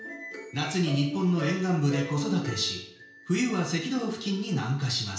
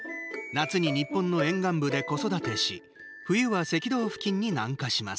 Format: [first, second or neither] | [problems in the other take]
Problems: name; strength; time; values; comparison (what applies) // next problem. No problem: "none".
second | room echo; dies away in 0.5 s